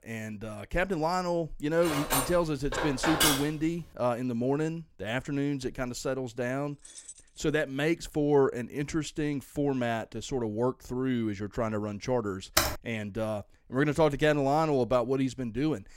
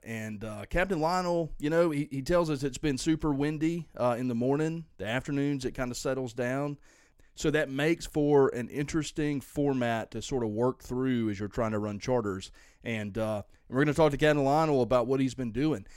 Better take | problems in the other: second | clattering dishes; loud; from 2 to 3.5 s; peak 6 dB above the speech // jangling keys; faint; at 7 s; peak 15 dB below the speech // keyboard typing; loud; at 13 s; peak 3 dB above the speech

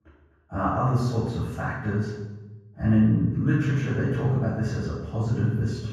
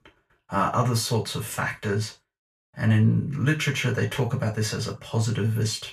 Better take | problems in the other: second | room echo; strong; dies away in 1.3 s; slight in the second // off-mic speech; far; far in the second

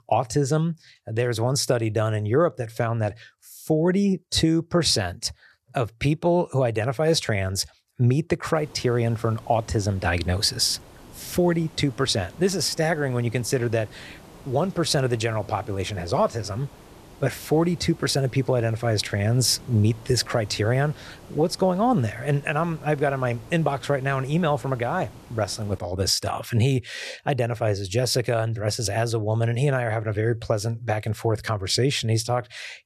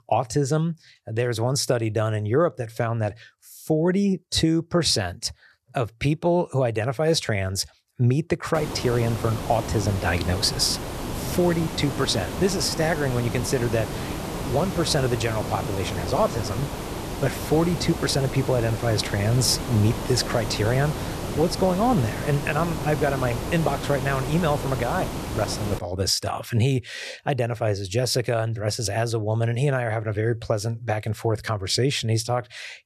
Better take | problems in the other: first | hiss; loud; from 8.5 to 26 s; 7 dB below the speech; faint in the first

